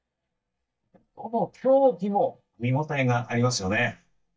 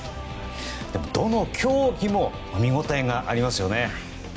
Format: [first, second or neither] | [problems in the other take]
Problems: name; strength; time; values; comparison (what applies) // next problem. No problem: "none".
second | noise reduction (neural mask model DeepFilterNet 3)